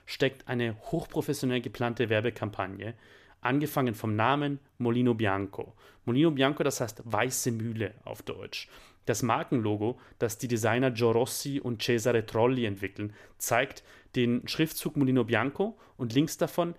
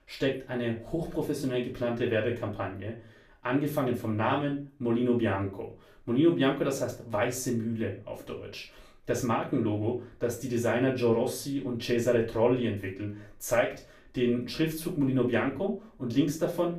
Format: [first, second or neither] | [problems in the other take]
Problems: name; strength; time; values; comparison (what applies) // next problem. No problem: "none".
first | room echo; slight; dies away in 0.3 s // off-mic speech; far